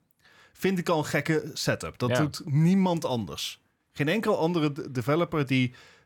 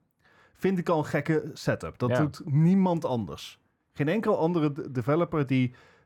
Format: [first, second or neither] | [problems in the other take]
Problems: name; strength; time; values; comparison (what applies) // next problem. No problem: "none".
first | muffled; slightly; fading above 2 kHz